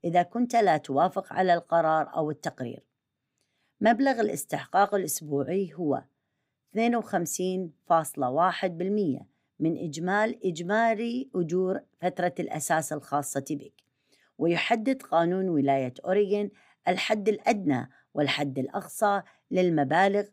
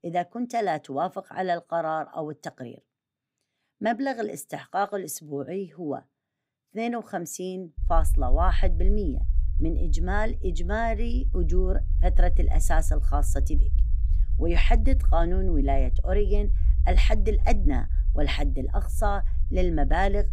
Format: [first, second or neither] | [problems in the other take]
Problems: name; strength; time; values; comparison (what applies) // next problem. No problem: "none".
first | low rumble; noticeable; from 8 s on; 20 dB below the speech